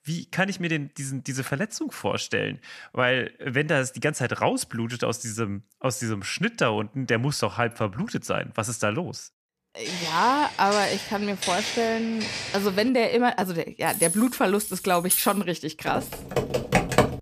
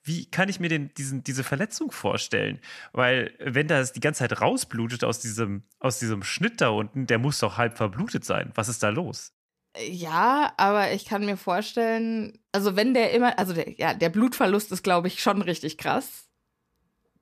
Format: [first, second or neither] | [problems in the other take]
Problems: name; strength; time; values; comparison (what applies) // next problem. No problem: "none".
second | footsteps; noticeable; from 10 to 13 s; peak 1 dB below the speech // jangling keys; loud; from 14 to 15 s; peak 3 dB above the speech // keyboard typing; loud; from 16 s on; peak 5 dB above the speech